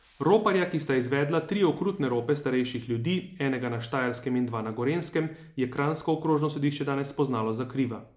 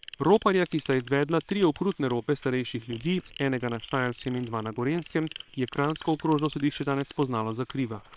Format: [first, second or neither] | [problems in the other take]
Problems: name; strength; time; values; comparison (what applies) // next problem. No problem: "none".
first | noise reduction (neural separator model SepFormer WHAM!)